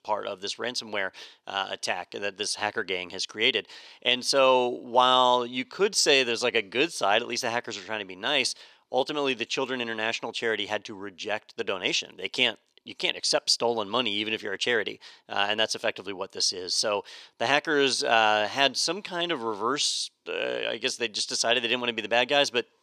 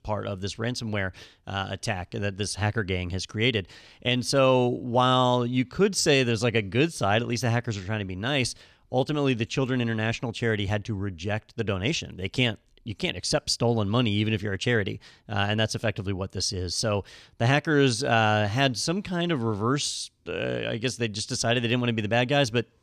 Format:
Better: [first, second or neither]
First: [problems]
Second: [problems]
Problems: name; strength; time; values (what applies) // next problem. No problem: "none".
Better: second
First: thin; somewhat; fading below 450 Hz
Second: none